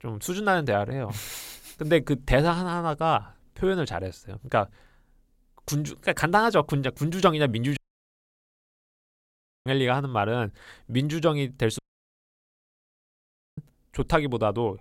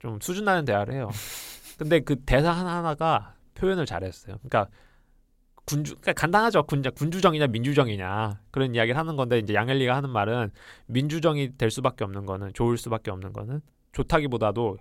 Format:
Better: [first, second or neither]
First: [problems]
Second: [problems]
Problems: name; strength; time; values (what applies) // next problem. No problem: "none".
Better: second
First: audio cutting out; at 8 s for 2 s and at 12 s for 2 s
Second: none